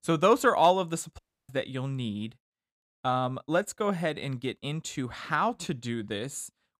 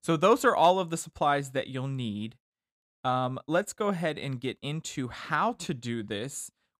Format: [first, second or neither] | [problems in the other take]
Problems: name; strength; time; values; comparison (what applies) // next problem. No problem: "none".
second | audio cutting out; at 1 s